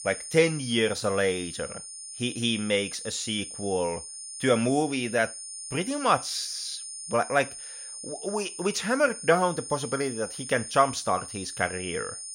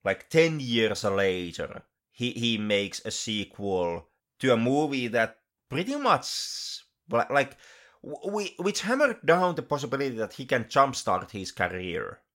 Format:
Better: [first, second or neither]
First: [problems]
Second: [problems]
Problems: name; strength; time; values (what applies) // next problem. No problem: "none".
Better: second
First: high-pitched whine; loud; throughout; 9 kHz, 9 dB below the speech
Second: none